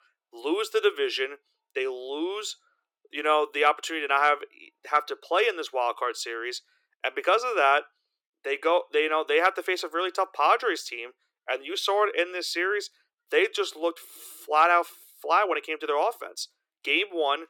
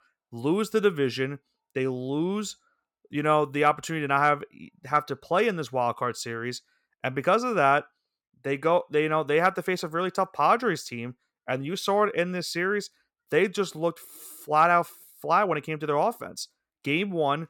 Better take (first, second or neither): second